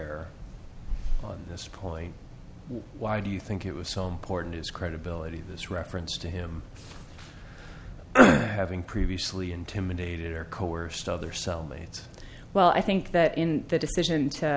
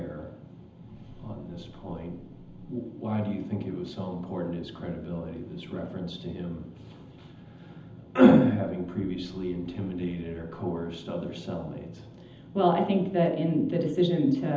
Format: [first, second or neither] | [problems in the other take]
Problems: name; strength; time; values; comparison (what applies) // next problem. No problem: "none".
first | room echo; dies away in 0.8 s